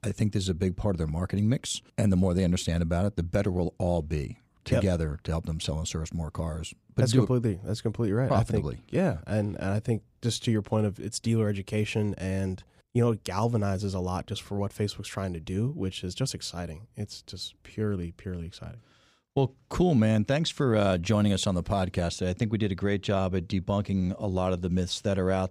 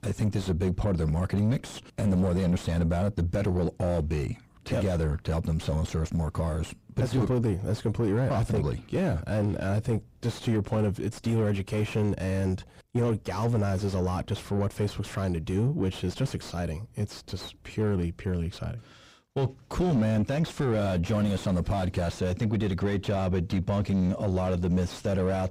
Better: first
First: none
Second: distortion; heavy; 7 dB below the speech

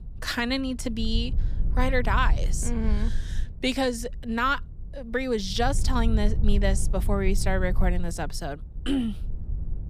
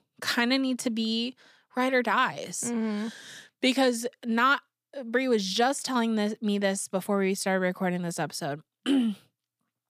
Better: second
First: low rumble; noticeable; throughout; 20 dB below the speech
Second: none

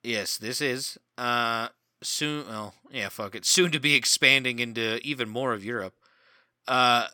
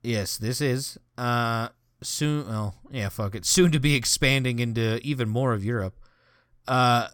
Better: second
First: thin; somewhat; fading below 250 Hz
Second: none

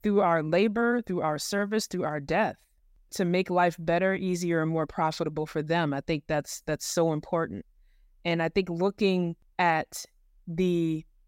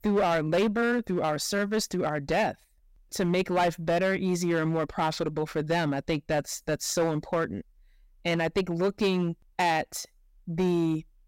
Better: first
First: none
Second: distortion; slight; 9% of the sound clipped

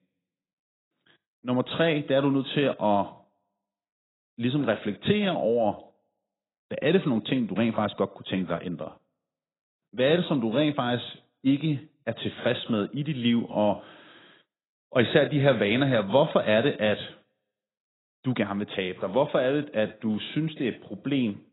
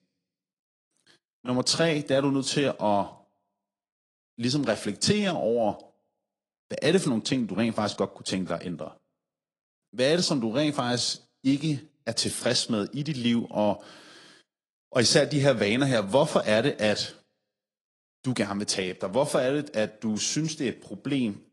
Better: second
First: garbled, watery; badly; nothing above 4 kHz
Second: garbled, watery; slightly; nothing above 10.5 kHz

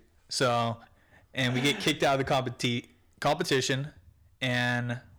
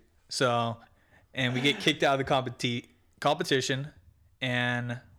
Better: second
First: distortion; slight; 4% of the sound clipped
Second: none

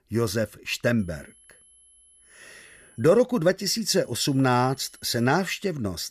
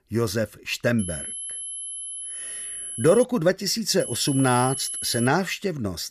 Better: first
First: high-pitched whine; faint; from 1 to 3 s and from 4 to 5.5 s; 11 kHz, 30 dB below the speech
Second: high-pitched whine; loud; from 1 to 3 s and from 4 to 5.5 s; 11 kHz, 7 dB below the speech

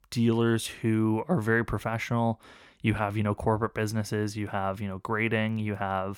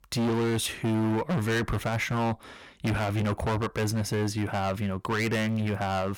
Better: first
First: none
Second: distortion; heavy; 25% of the sound clipped

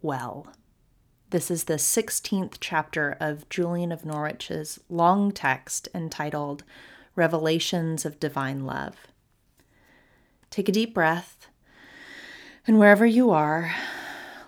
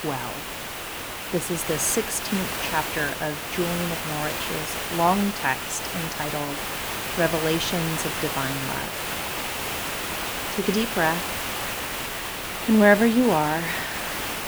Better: first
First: none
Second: hiss; loud; throughout; 3 dB below the speech

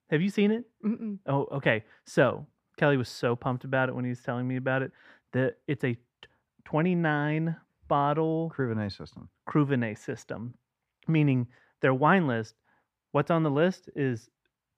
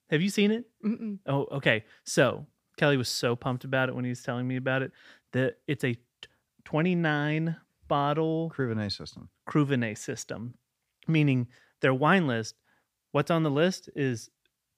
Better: second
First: muffled; slightly; fading above 3 kHz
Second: none

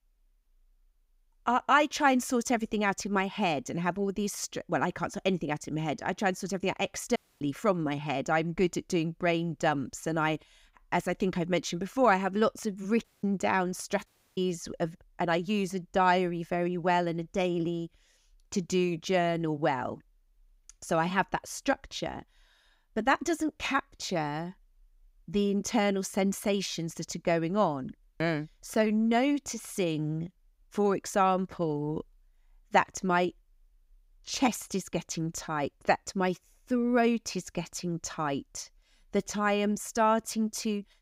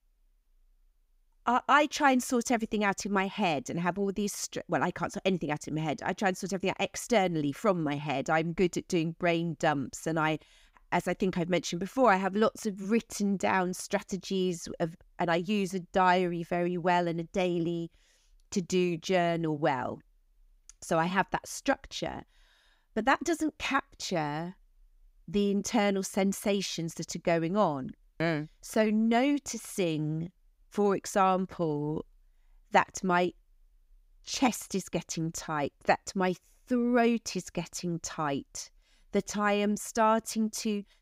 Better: second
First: audio cutting out; at 7 s, at 13 s and at 14 s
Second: none

